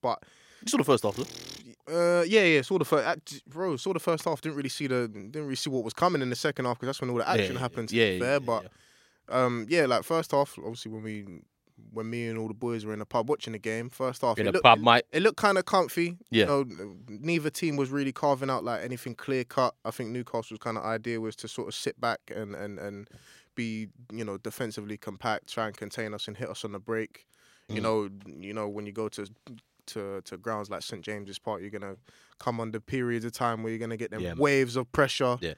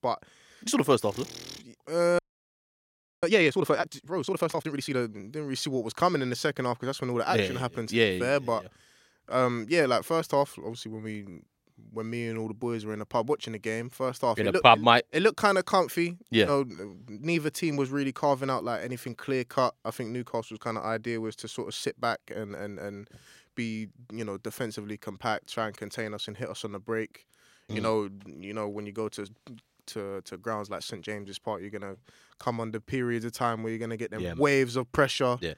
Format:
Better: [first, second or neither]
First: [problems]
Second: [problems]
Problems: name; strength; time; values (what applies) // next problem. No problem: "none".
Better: first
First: none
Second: audio freezing; at 2 s for 1 s